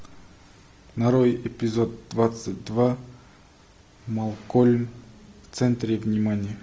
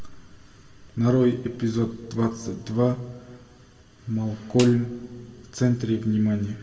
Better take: first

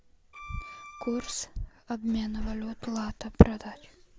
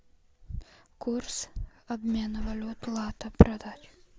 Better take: second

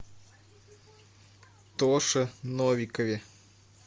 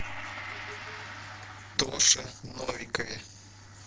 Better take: first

